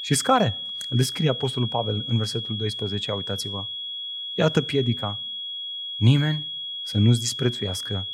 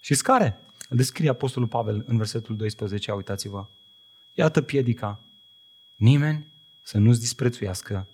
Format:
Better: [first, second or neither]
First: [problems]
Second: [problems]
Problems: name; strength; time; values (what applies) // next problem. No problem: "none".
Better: second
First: high-pitched whine; loud; throughout; 3.5 kHz, 5 dB below the speech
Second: high-pitched whine; faint; throughout; 3.5 kHz, 25 dB below the speech